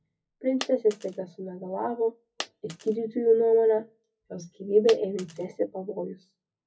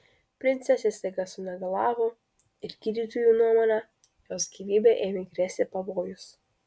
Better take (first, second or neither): second